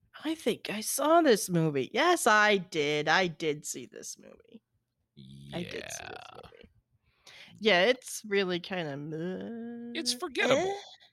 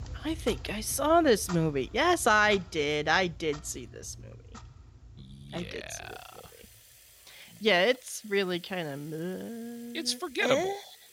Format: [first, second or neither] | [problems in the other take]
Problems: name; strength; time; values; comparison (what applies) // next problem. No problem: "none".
first | household noises; faint; throughout; 20 dB below the speech